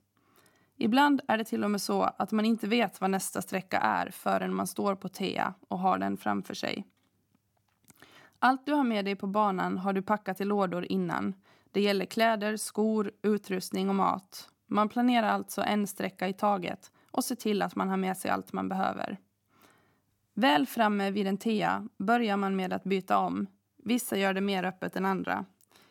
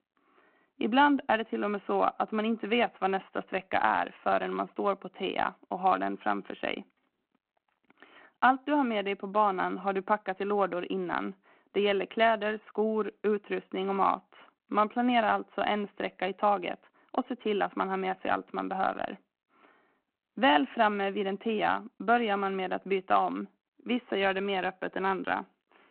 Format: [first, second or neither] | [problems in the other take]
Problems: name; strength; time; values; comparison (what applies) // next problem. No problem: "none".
first | phone-call audio